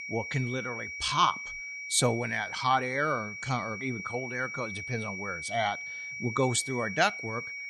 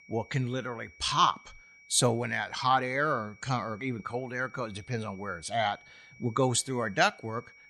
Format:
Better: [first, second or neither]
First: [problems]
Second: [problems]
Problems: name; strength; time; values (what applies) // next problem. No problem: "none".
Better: second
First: high-pitched whine; loud; throughout; 2.5 kHz, 7 dB below the speech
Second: high-pitched whine; faint; throughout; 2.5 kHz, 25 dB below the speech